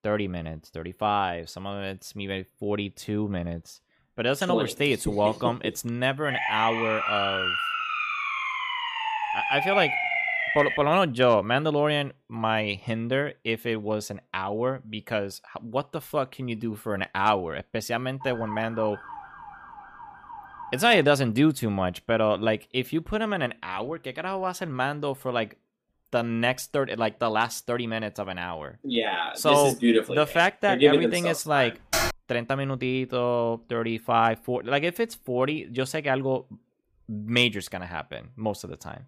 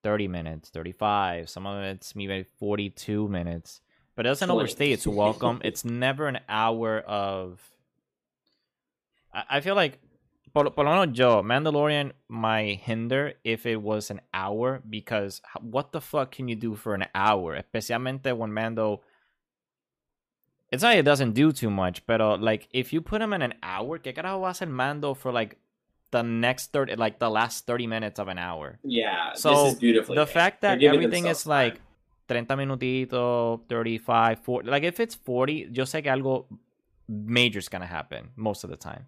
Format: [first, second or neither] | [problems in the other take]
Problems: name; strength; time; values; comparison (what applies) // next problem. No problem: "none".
second | siren; loud; from 6 to 11 s; peak 2 dB above the speech // siren; faint; from 18 to 21 s; peak 10 dB below the speech // keyboard typing; loud; at 32 s; peak 1 dB above the speech